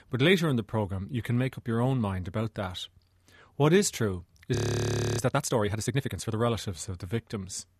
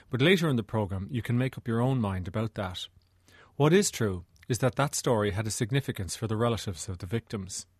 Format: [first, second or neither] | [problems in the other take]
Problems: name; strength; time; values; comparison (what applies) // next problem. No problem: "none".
second | audio freezing; at 4.5 s for 0.5 s